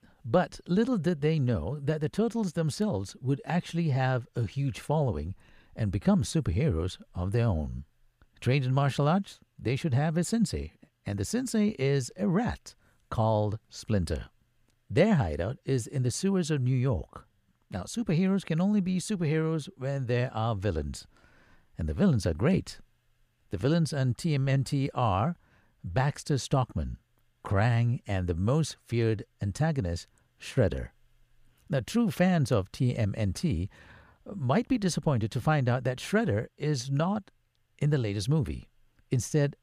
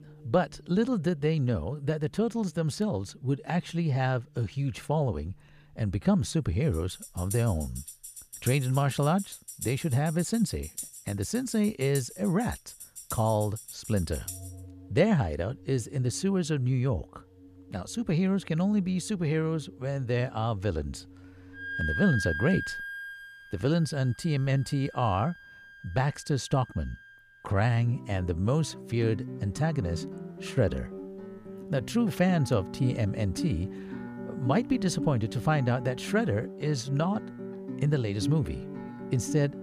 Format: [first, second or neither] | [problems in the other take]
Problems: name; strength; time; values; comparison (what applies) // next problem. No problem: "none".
first | background music; noticeable; throughout; 10 dB below the speech